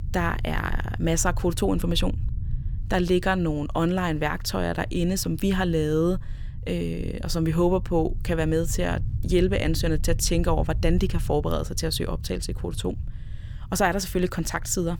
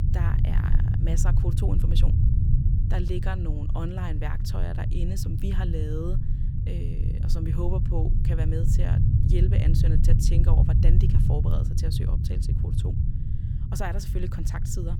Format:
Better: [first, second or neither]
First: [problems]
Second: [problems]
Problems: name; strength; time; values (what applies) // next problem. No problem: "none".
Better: first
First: low rumble; faint; throughout; 20 dB below the speech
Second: low rumble; loud; throughout; 1 dB below the speech